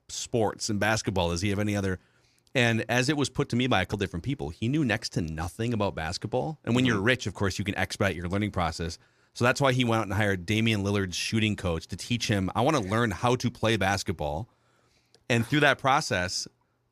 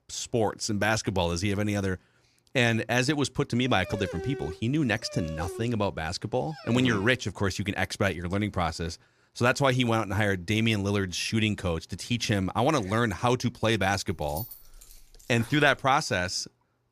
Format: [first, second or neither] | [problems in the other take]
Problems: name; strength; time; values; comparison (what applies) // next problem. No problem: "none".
first | dog barking; noticeable; from 3.5 to 7 s; peak 10 dB below the speech // jangling keys; faint; from 14 to 16 s; peak 10 dB below the speech